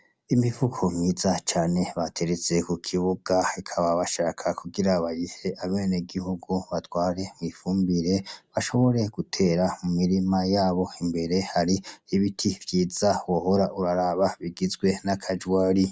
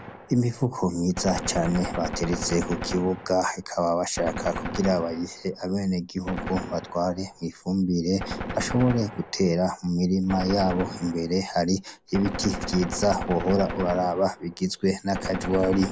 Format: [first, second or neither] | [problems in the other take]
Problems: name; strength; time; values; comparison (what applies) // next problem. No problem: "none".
first | background sound (Gunshot, gunfire); 9 dB below the speech